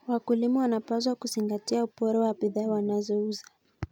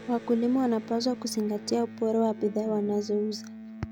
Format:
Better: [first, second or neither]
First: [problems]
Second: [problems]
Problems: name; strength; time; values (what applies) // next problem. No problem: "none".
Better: first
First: none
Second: background sound (Electric guitar); 14 dB below the speech